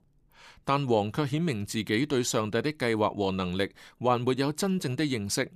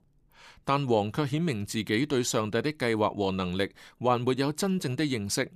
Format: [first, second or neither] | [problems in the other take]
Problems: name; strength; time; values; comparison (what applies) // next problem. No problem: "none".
neither | none